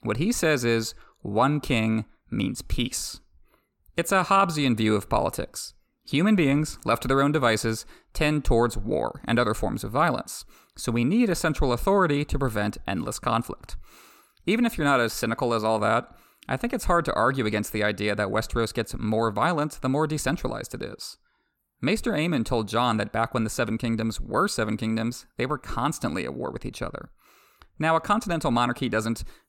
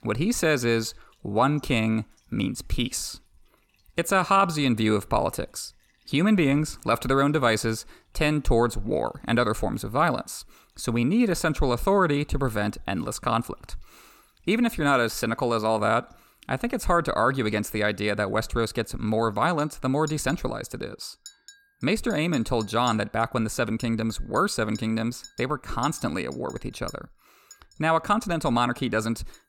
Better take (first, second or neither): first